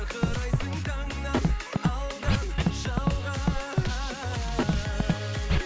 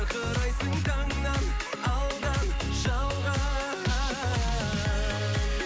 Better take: second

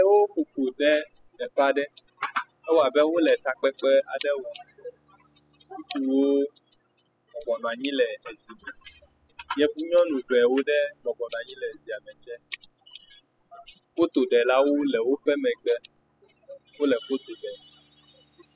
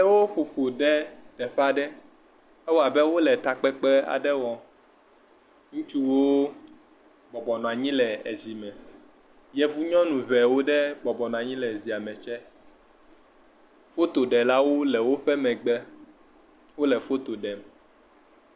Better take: second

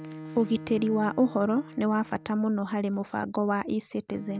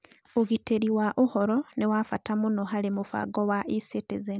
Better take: second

